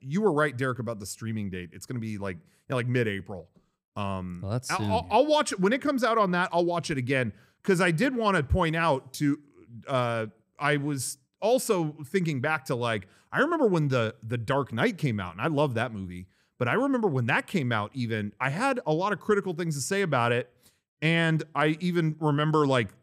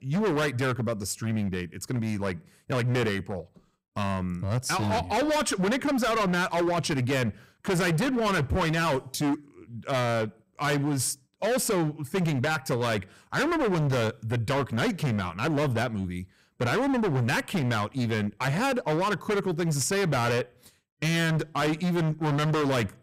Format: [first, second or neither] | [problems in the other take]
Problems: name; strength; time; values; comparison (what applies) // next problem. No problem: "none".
first | distortion; heavy; 25% of the sound clipped